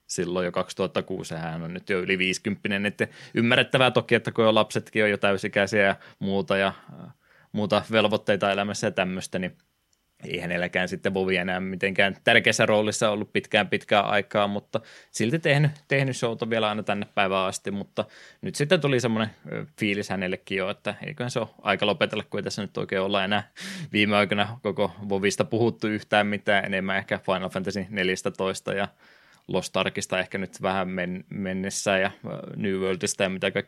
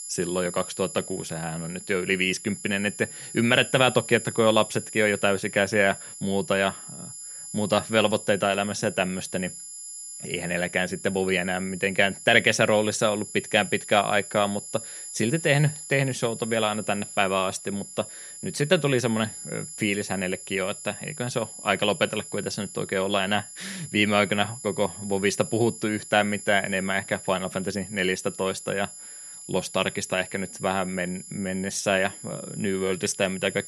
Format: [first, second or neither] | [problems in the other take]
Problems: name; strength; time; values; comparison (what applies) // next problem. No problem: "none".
first | high-pitched whine; noticeable; throughout; 11 kHz, 10 dB below the speech